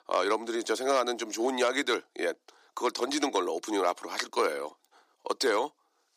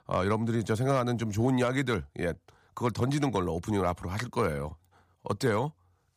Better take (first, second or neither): second